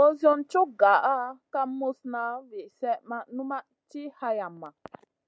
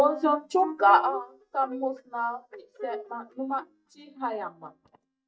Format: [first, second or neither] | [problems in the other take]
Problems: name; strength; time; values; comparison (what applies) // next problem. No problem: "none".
first | noise reduction (neural mask model DeepFilterNet 3)